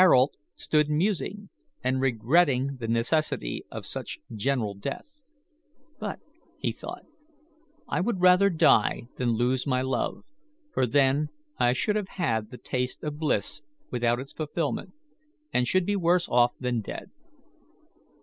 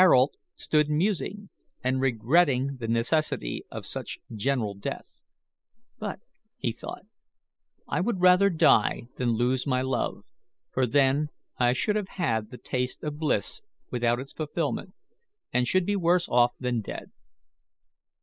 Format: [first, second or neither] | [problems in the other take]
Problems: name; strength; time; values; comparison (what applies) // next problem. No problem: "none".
first | noise reduction (neural mask model Resemble Enhance denoiser)